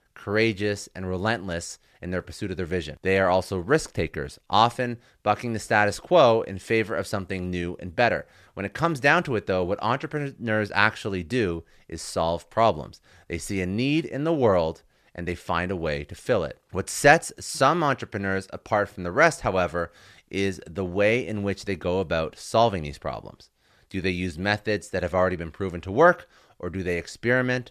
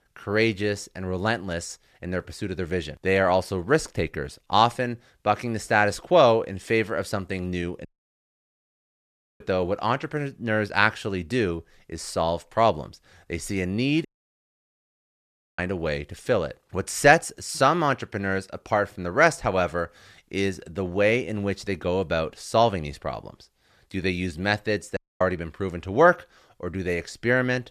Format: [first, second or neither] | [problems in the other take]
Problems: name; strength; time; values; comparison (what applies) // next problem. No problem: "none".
first | audio cutting out; at 8 s for 1.5 s, at 14 s for 1.5 s and at 25 s